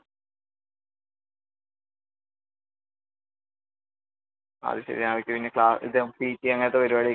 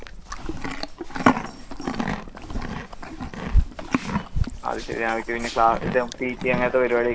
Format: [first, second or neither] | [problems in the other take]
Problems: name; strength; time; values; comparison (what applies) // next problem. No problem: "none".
first | background sound (Livestock, farm animals, working animals); as loud as the speech